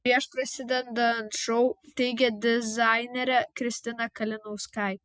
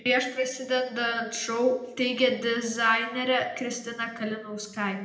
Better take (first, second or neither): first